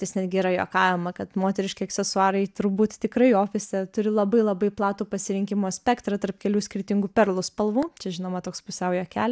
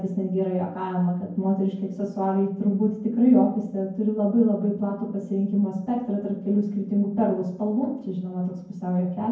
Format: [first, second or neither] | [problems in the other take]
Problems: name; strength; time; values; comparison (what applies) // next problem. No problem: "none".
first | room echo; dies away in 0.9 s